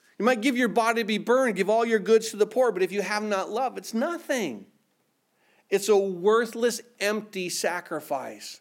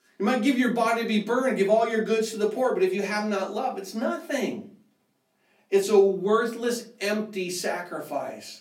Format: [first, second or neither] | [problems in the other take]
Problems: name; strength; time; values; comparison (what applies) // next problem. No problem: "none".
first | off-mic speech; far // room echo; very slight; dies away in 0.3 s